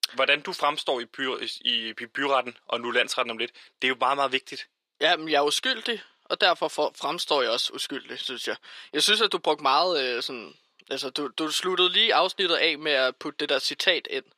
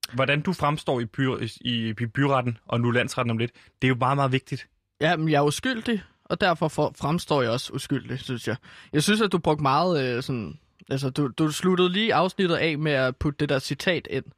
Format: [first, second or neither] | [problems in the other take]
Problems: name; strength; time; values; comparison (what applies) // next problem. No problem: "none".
second | thin; somewhat; fading below 400 Hz